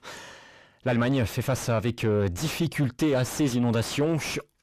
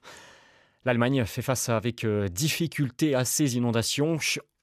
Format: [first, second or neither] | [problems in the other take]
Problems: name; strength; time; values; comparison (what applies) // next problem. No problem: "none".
second | distortion; heavy; 6 dB below the speech